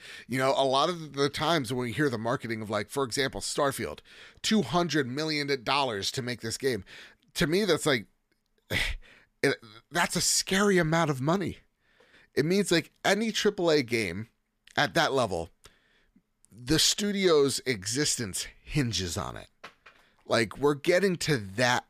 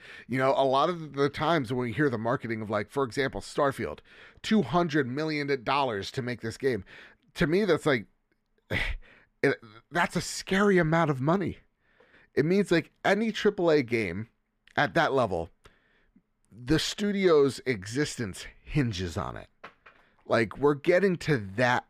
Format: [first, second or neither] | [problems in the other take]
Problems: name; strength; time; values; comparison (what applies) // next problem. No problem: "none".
first | muffled; slightly; fading above 3.5 kHz